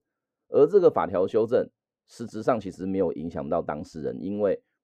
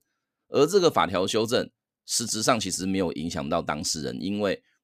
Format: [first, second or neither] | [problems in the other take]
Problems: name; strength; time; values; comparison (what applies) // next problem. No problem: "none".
second | muffled; very; fading above 2.5 kHz